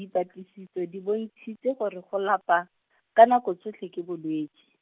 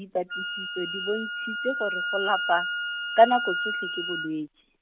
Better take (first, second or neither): first